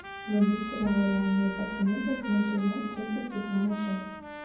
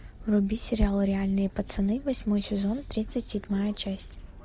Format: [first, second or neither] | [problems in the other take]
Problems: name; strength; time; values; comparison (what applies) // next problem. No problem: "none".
second | background sound (Trumpet); 11 dB below the speech // room echo; dies away in 1.2 s